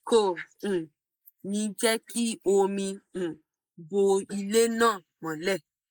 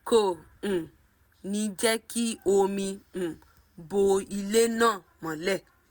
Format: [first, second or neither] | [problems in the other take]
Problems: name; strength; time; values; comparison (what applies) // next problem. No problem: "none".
second | noise reduction (neural mask model Resemble Enhance denoiser)